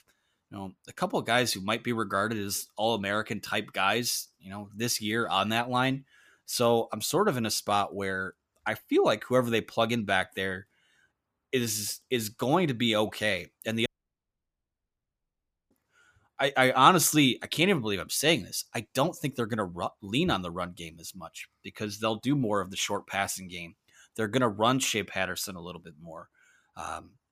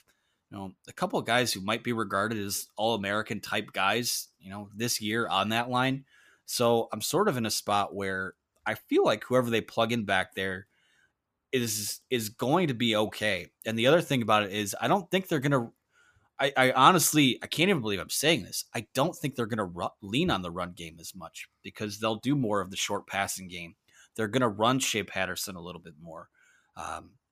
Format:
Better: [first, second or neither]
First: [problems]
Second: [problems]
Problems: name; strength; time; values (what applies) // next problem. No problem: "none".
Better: second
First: audio cutting out; at 14 s for 2 s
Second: none